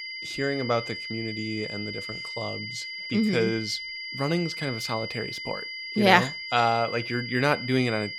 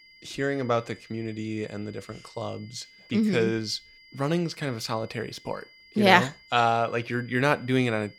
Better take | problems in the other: second | high-pitched whine; loud; throughout; 2 kHz, 7 dB below the speech; faint in the second

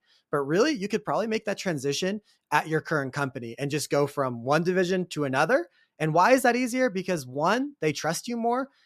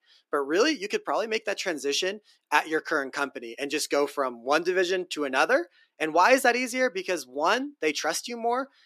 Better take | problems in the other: first | thin; very slightly; fading below 300 Hz

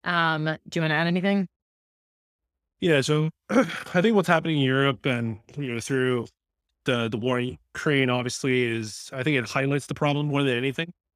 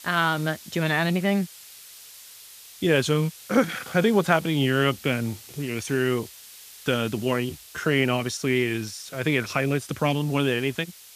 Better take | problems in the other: first | hiss; noticeable; throughout; 20 dB below the speech

